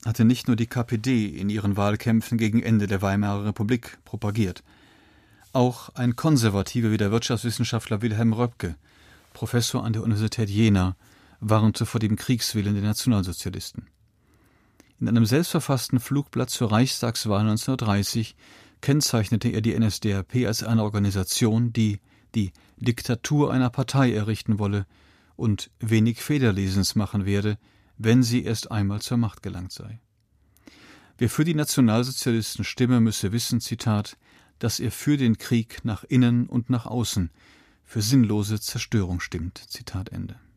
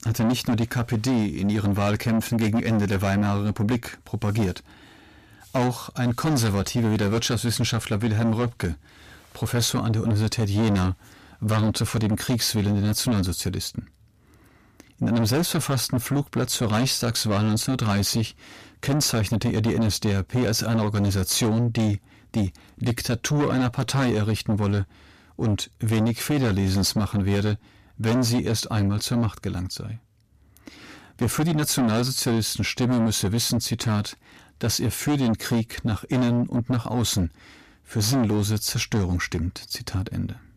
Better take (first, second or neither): first